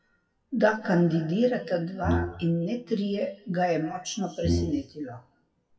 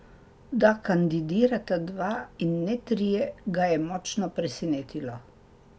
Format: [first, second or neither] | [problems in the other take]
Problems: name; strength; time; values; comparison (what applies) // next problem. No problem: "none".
second | noise reduction (classical method WPE with log-MMSE)